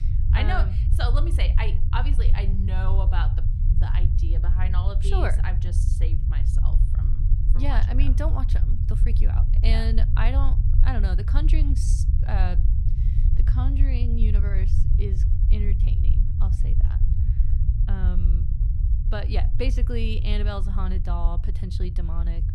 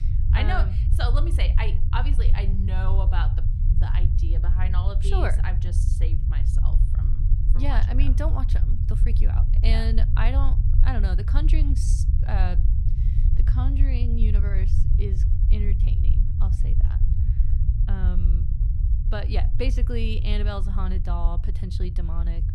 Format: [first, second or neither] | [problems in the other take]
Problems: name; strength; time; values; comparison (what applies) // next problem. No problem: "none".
neither | low rumble; loud; throughout; 7 dB below the speech; the same in both